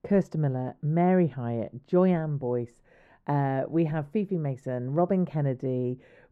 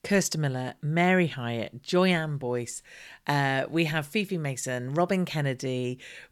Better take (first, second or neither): second